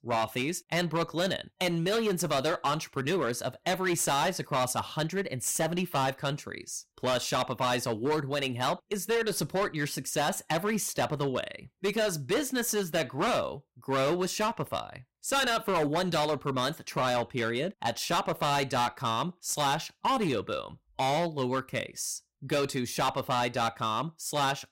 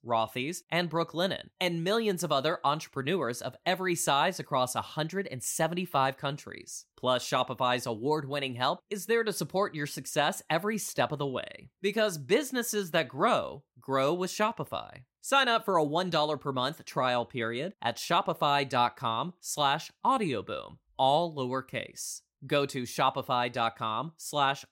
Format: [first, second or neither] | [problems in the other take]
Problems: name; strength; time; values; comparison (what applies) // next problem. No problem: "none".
second | distortion; heavy; 13% of the sound clipped